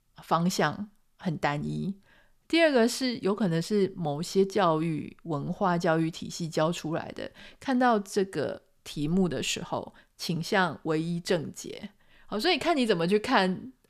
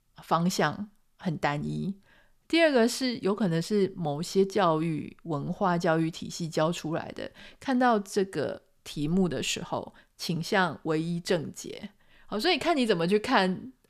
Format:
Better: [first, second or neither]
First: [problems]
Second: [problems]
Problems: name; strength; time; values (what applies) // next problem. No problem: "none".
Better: neither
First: none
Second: none